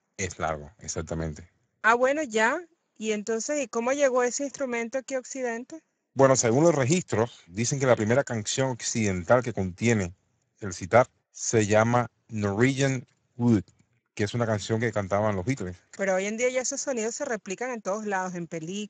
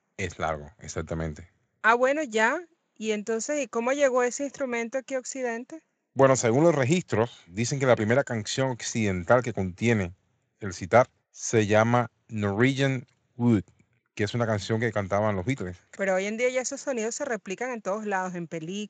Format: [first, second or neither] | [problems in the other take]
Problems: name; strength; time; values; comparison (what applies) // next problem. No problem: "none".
second | garbled, watery; badly; nothing above 7.5 kHz; slightly in the second